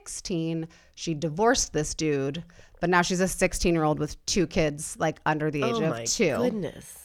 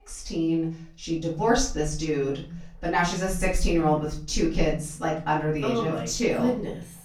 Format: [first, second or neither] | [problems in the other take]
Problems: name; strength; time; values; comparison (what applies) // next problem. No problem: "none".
first | off-mic speech; far // room echo; slight; dies away in 0.4 s